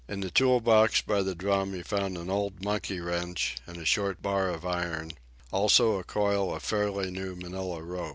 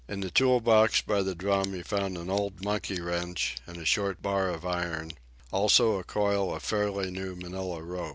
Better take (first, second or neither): first